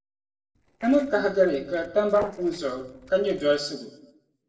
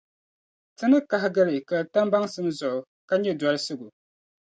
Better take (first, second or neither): second